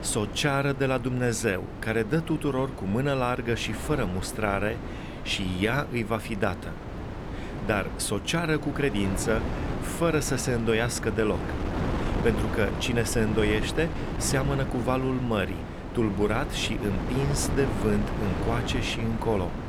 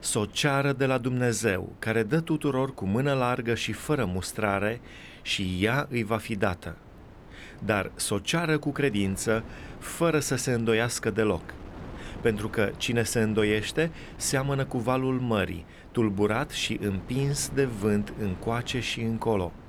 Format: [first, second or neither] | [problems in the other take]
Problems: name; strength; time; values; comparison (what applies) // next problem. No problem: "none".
second | wind noise on the microphone; heavy; 8 dB below the speech; occasional gusts in the second